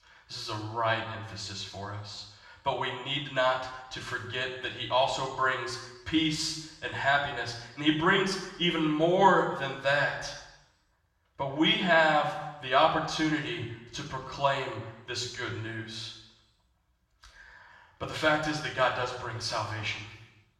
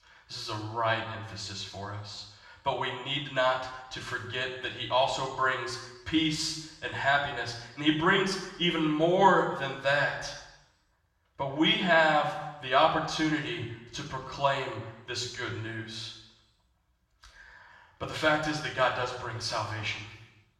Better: neither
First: room echo; noticeable; dies away in 0.9 s // off-mic speech; far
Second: room echo; noticeable; dies away in 0.9 s // off-mic speech; far

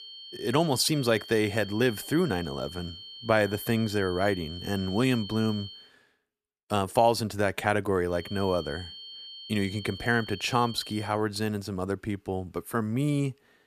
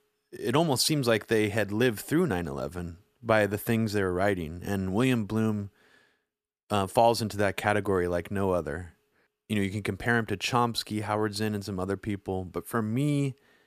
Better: second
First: high-pitched whine; noticeable; until 6 s and from 8 to 11 s; 3 kHz, 15 dB below the speech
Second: none

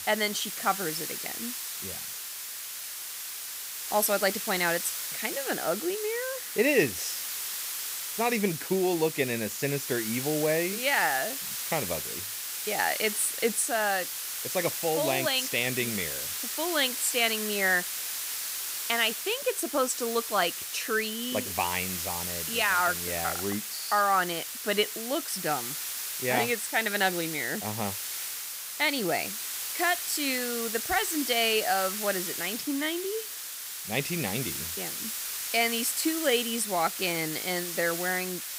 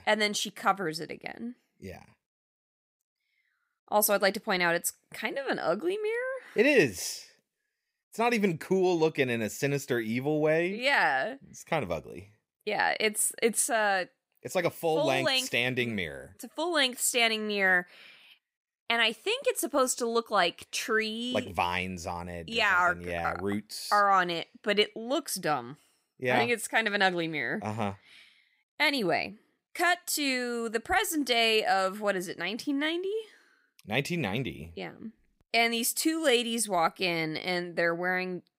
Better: second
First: hiss; loud; throughout; 4 dB below the speech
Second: none

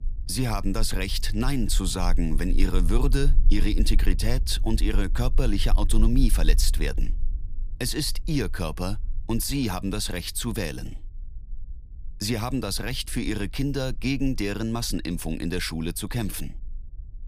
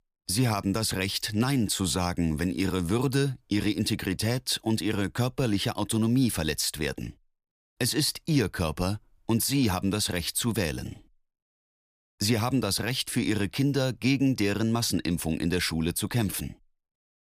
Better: second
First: low rumble; faint; throughout; 25 dB below the speech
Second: none

